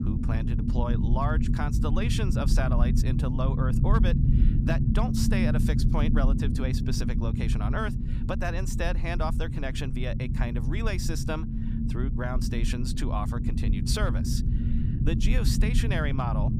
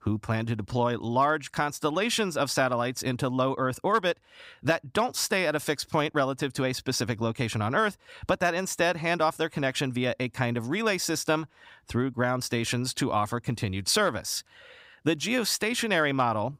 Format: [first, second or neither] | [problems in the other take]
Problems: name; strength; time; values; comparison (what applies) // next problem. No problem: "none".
second | low rumble; loud; throughout; 4 dB below the speech